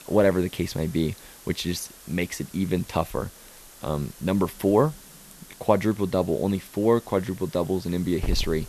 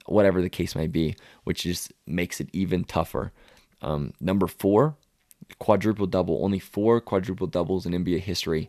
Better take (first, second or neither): second